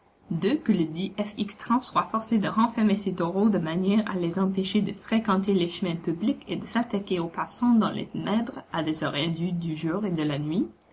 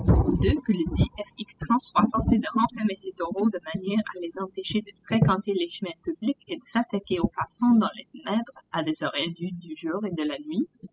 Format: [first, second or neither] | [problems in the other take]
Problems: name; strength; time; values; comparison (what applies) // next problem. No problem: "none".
first | noise reduction (classical method spectral subtraction)